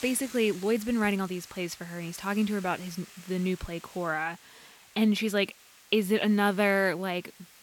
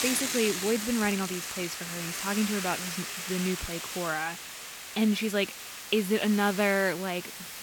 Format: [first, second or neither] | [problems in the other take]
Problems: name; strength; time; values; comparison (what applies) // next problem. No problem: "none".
first | hiss; loud; throughout; 5 dB below the speech; faint in the first